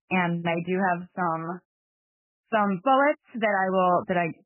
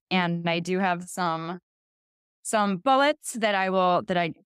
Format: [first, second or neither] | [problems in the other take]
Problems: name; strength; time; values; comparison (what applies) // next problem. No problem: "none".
second | garbled, watery; badly; nothing above 3 kHz